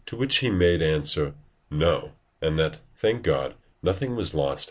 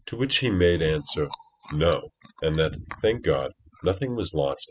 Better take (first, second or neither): first